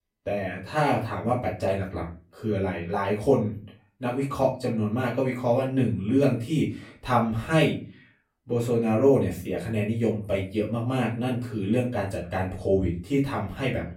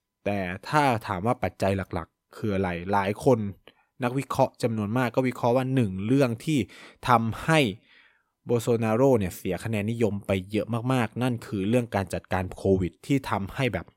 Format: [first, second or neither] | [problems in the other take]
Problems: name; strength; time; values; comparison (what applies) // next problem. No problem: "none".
second | off-mic speech; far // room echo; slight; dies away in 0.3 s